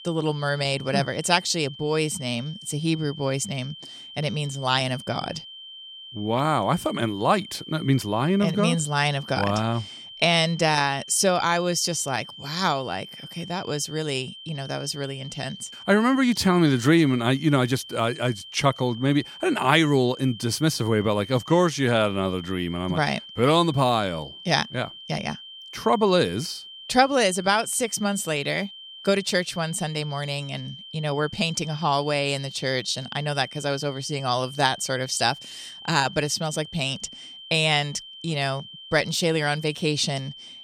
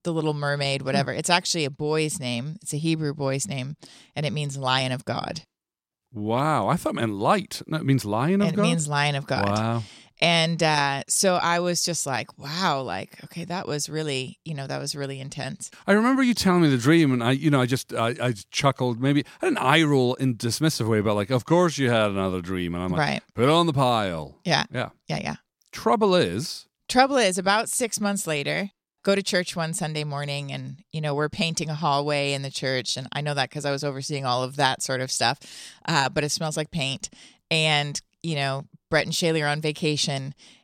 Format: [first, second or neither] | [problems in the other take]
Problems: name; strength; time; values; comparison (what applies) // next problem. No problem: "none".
second | high-pitched whine; noticeable; throughout; 3 kHz, 15 dB below the speech